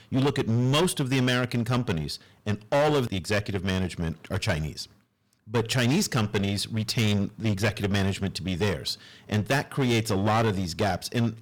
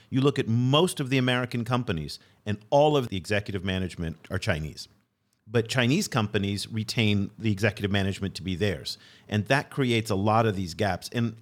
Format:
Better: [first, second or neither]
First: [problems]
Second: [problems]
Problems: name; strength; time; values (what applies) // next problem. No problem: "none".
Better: second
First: distortion; heavy; 13% of the sound clipped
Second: none